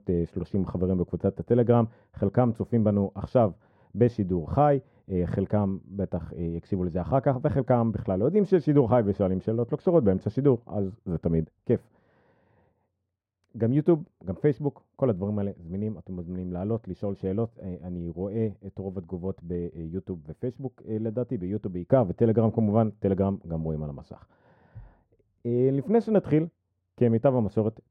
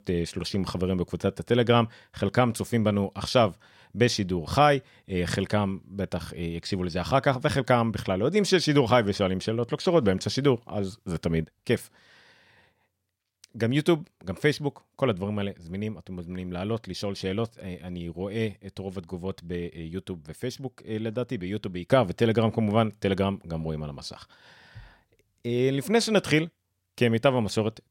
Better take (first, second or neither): second